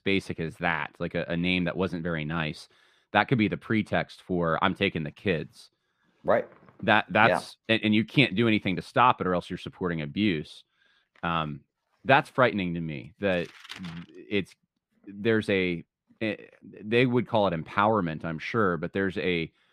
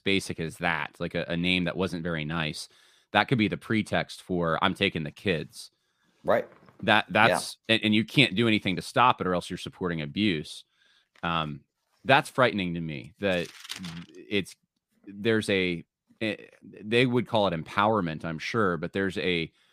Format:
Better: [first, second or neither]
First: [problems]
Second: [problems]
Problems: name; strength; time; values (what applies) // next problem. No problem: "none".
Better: second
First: muffled; very slightly; fading above 4 kHz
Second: none